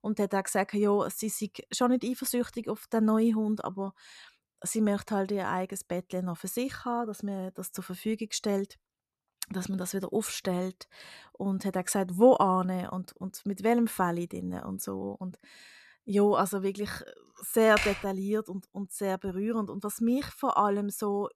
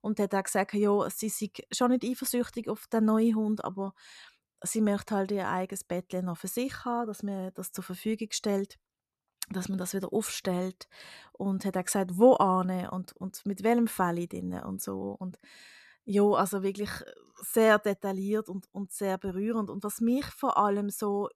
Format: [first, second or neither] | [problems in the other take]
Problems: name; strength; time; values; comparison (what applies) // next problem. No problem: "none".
second | keyboard typing; noticeable; at 18 s; peak 2 dB below the speech